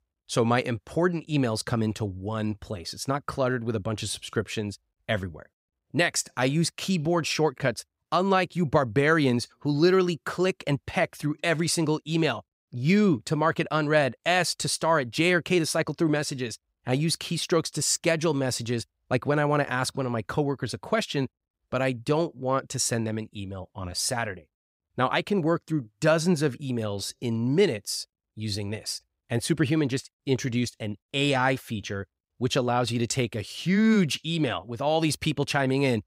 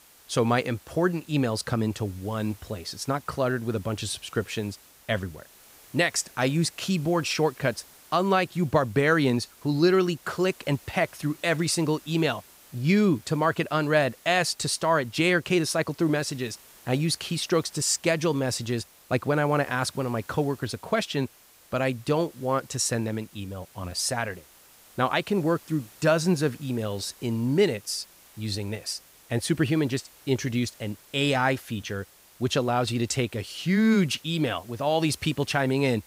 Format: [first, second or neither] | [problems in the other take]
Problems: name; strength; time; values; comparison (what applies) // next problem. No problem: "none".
first | hiss; faint; throughout; 25 dB below the speech